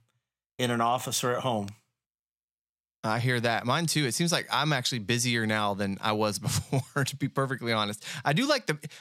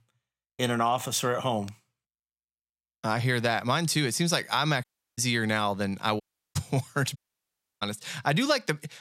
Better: first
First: none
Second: audio cutting out; at 5 s, at 6 s and at 7 s for 0.5 s

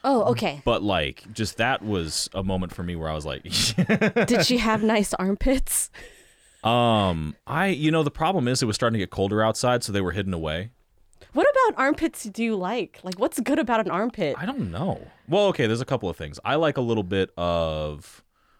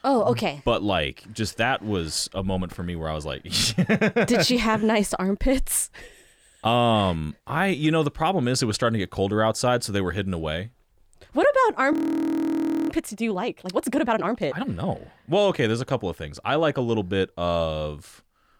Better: first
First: none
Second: audio freezing; at 12 s for 1 s

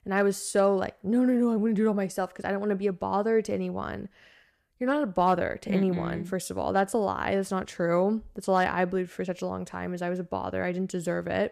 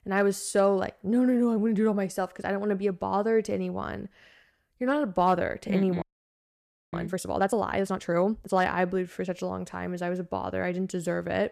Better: first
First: none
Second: audio freezing; at 6 s for 1 s

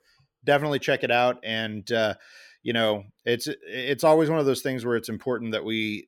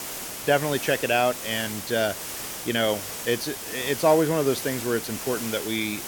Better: first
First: none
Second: hiss; loud; throughout; 7 dB below the speech

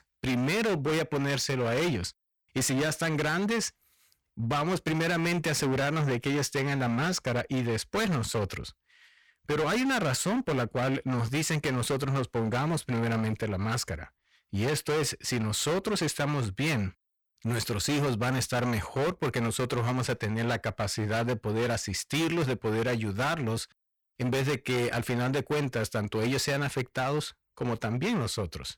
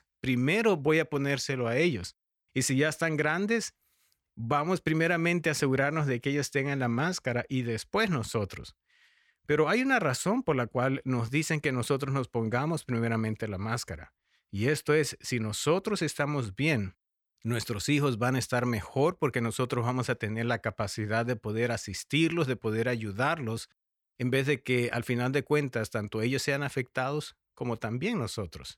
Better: second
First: distortion; heavy; 24% of the sound clipped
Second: none

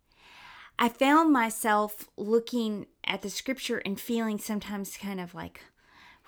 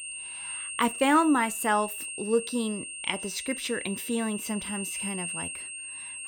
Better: first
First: none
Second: high-pitched whine; loud; throughout; 8.5 kHz, 6 dB below the speech

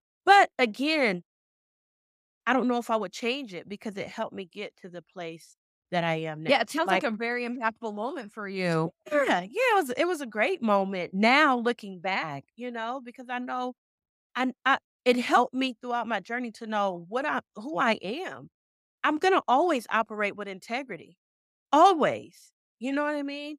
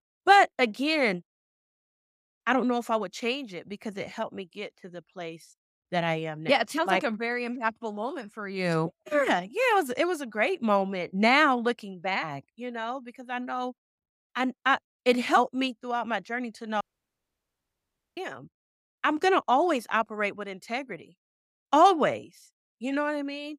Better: first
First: none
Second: audio cutting out; at 17 s for 1.5 s

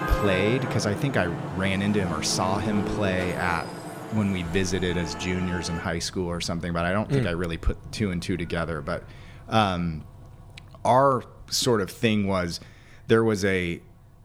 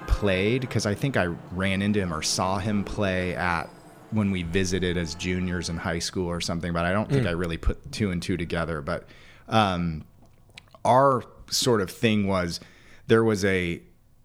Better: second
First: traffic noise; loud; throughout; 8 dB below the speech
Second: traffic noise; faint; throughout; 20 dB below the speech

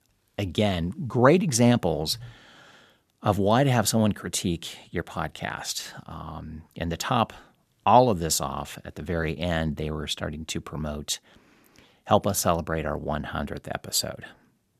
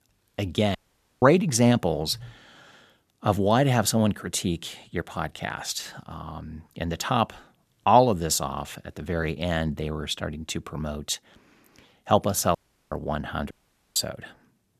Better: first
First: none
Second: audio cutting out; at 1 s, at 13 s and at 14 s

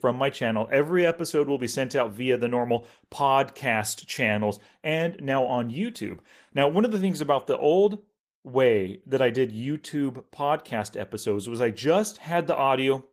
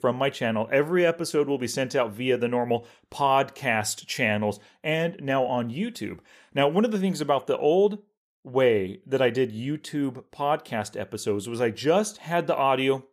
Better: second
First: garbled, watery; slightly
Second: none

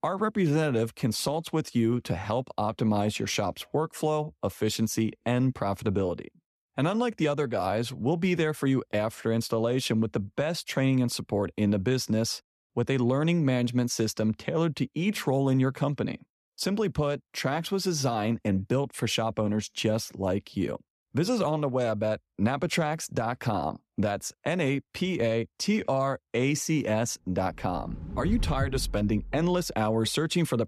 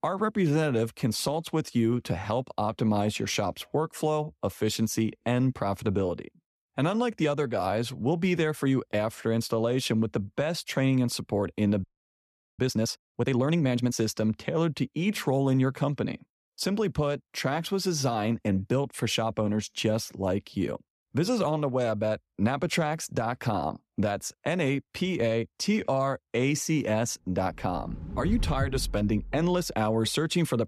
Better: first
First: none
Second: audio freezing; at 12 s for 1 s

